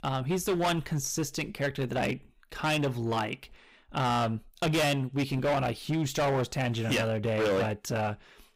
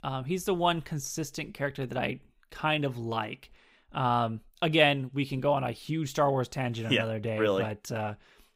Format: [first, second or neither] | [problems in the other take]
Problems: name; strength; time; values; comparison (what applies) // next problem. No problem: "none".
second | distortion; heavy; 14% of the sound clipped